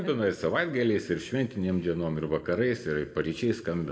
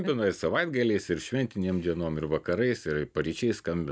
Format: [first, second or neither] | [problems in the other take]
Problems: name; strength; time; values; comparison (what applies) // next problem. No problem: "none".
second | room echo; dies away in 1.5 s